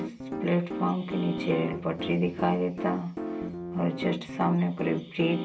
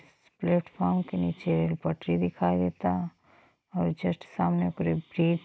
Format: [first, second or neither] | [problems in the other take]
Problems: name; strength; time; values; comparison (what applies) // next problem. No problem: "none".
second | background sound (Piano); 6 dB below the speech // room echo; dies away in 0.2 s